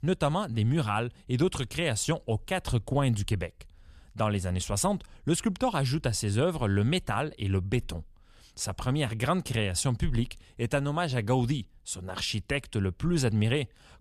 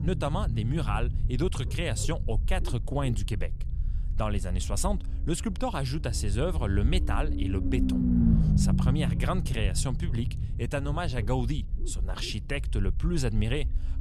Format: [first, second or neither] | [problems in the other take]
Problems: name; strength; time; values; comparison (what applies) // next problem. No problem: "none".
first | low rumble; loud; throughout; 6 dB below the speech